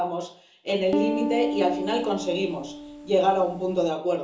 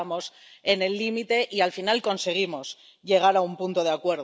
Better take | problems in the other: second | background sound (Piano); 5 dB below the speech // room echo; dies away in 0.8 s

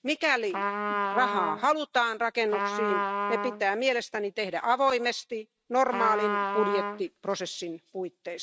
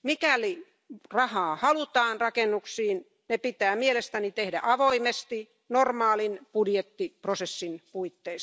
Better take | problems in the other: second | noise reduction (neural mask model RNNoise)

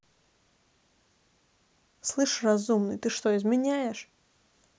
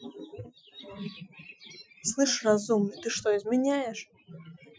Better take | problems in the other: first | noise reduction (classical method Wiener filter)

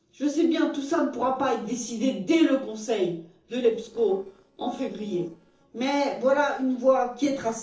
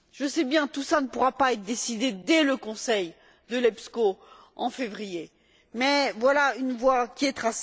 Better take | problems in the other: second | noise reduction (neural separator model SepFormer DNS4)

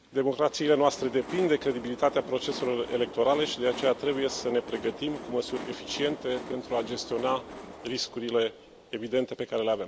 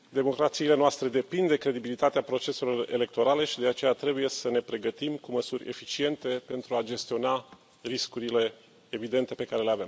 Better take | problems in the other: second | background sound (Train); 13 dB below the speech

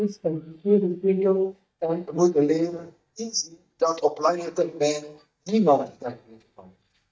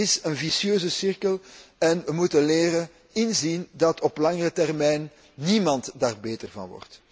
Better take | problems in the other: second | noise reduction (neural mask model DeepFilterNet 3)

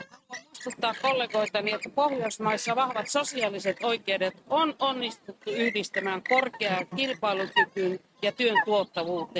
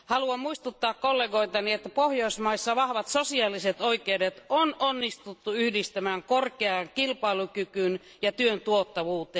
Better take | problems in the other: second | noise reduction (neural mask model RNNoise)

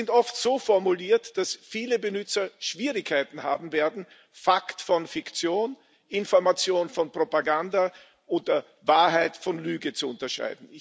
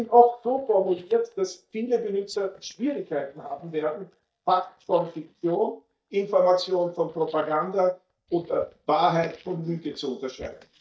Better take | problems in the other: first | noise reduction (neural mask model DeepFilterNet 3)

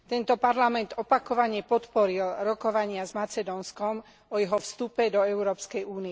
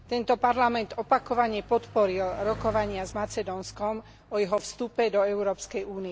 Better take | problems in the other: first | background sound (Bicycle); 18 dB below the speech

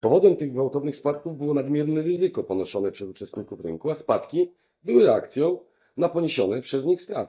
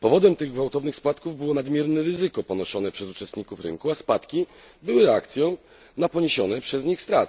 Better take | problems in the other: second | noise reduction (neural mask model DeepFilterNet 3)

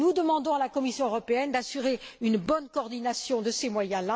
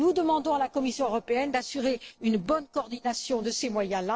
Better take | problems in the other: first | noise reduction (neural separator model SepFormer DNS4)

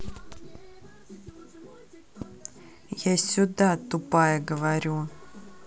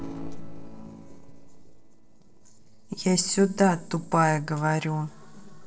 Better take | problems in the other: first | noise reduction (neural separator model SepFormer DNS4)

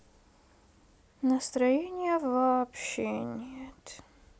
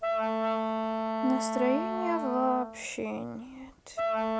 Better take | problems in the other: first | background sound (Wind instrument, woodwind instrument); 1 dB above the speech

